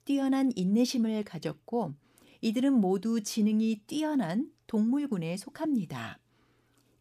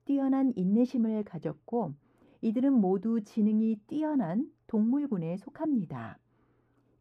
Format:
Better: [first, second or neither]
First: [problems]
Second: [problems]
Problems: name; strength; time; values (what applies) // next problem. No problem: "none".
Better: first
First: none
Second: muffled; very; fading above 2.5 kHz